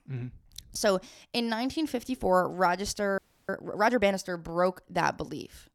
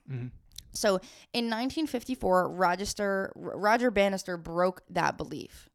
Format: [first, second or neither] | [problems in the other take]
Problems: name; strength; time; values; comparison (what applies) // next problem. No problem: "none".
second | audio freezing; at 3 s